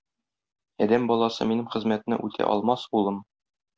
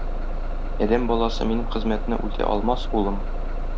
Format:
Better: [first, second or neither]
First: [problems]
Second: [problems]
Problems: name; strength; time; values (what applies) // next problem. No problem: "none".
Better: first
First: none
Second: background sound (Bus); 1 dB above the speech